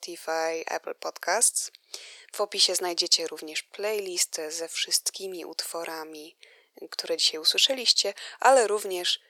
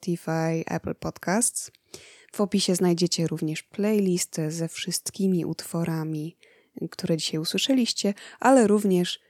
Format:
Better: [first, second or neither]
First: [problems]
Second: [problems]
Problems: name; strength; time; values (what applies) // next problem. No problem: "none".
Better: second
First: thin; very; fading below 500 Hz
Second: none